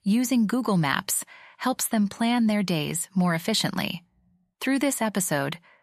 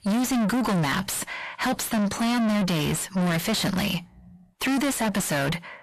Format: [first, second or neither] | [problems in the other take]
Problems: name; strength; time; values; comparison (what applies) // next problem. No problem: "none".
first | distortion; heavy; 5 dB below the speech